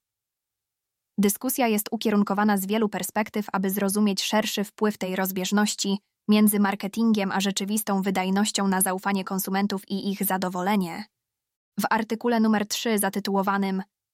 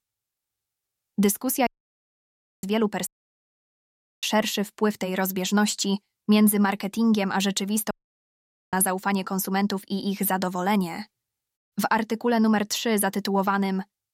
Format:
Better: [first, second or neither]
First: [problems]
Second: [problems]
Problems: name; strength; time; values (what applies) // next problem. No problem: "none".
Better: first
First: none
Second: audio cutting out; at 1.5 s for 1 s, at 3 s for 1 s and at 8 s for 1 s